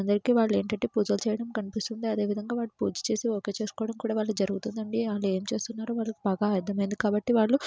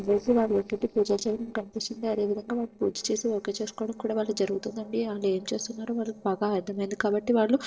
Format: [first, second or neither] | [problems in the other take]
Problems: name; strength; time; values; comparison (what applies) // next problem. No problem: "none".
first | noise reduction (neural separator model SepFormer DNS4)